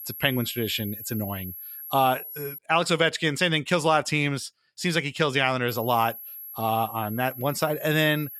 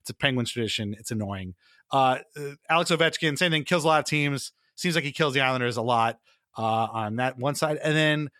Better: second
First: high-pitched whine; noticeable; until 2.5 s and from 5.5 s on; 11.5 kHz, 10 dB below the speech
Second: none

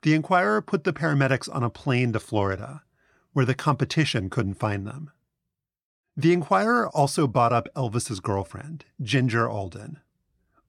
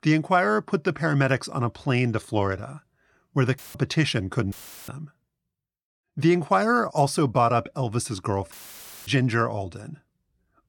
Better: first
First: none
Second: audio cutting out; filled with static; at 3.5 s, at 4.5 s and at 8.5 s for 0.5 s

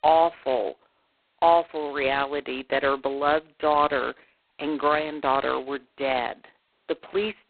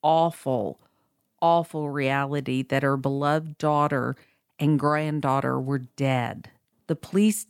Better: second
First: phone-call audio; poor line; nothing above 4 kHz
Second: none

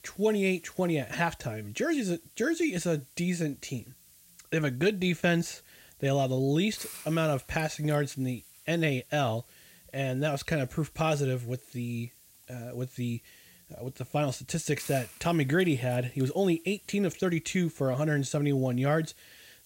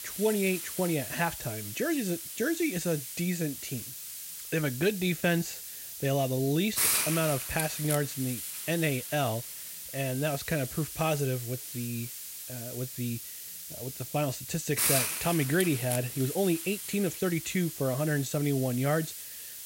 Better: first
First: hiss; faint; throughout; 20 dB below the speech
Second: hiss; loud; throughout; 4 dB below the speech

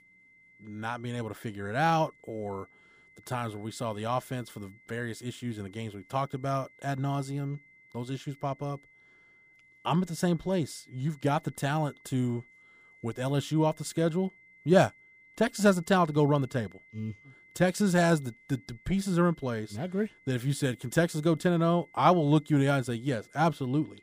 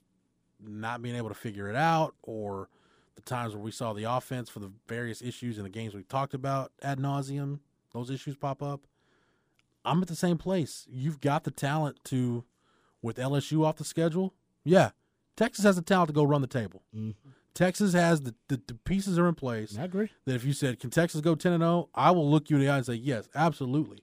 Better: second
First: high-pitched whine; faint; throughout; 2 kHz, 30 dB below the speech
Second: none

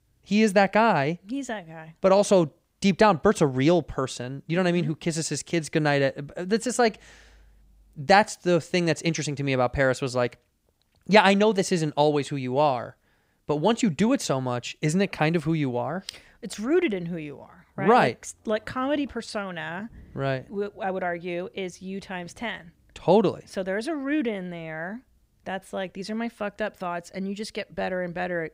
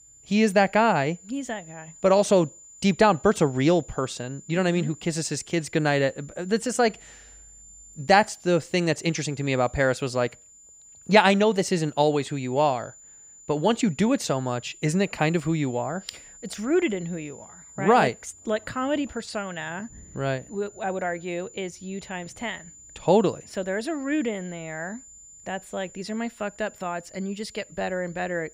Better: first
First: none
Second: high-pitched whine; faint; throughout; 7 kHz, 20 dB below the speech

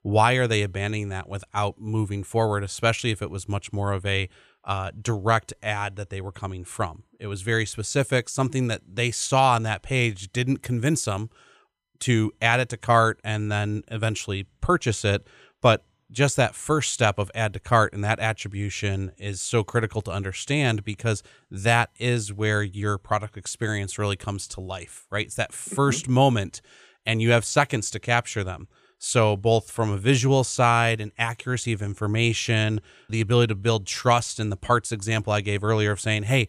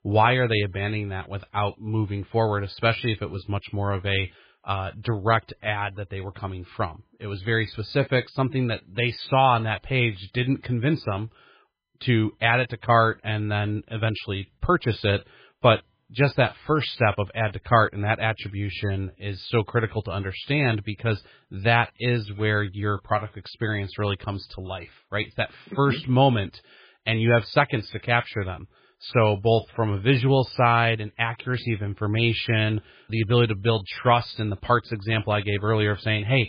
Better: first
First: none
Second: garbled, watery; badly

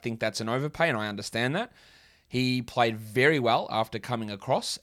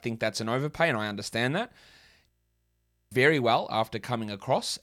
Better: first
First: none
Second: audio freezing; at 2.5 s for 1 s

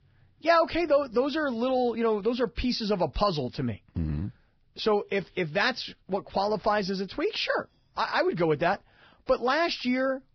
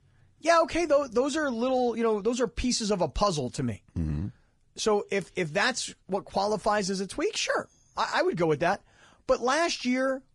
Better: second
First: garbled, watery; badly; nothing above 5.5 kHz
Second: garbled, watery; slightly; nothing above 10 kHz

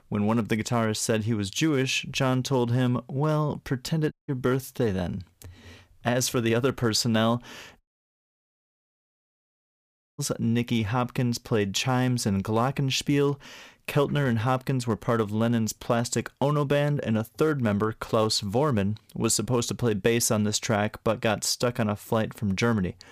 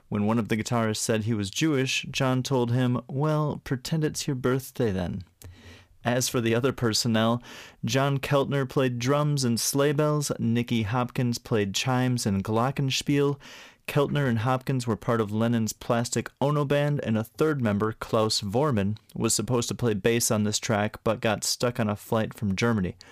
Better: second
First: audio cutting out; at 4 s and at 8 s for 2.5 s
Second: none

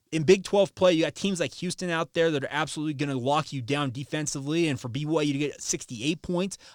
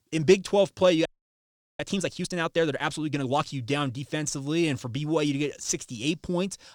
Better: first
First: none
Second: audio freezing; at 1 s for 0.5 s

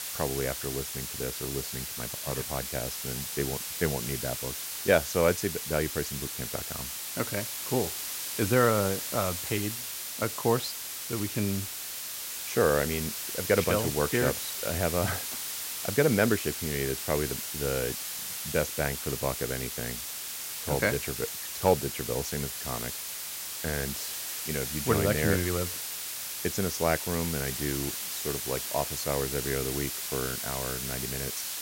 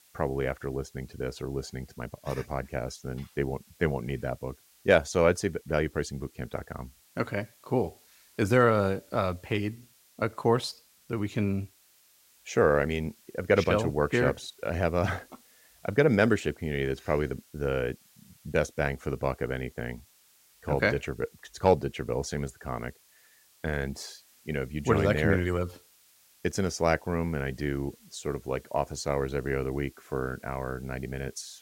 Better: second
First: hiss; loud; throughout; 2 dB below the speech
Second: hiss; faint; throughout; 30 dB below the speech

